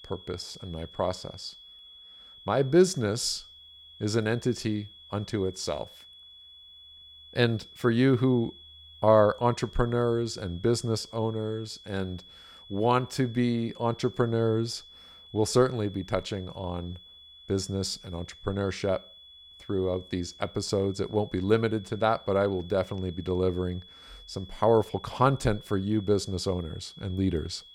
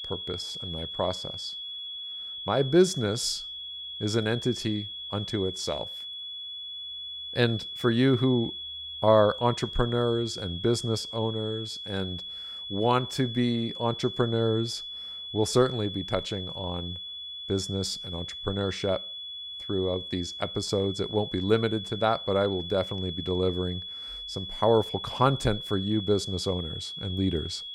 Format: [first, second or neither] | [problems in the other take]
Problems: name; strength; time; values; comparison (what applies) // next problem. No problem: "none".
first | high-pitched whine; loud; throughout; 3.5 kHz, 7 dB below the speech; faint in the first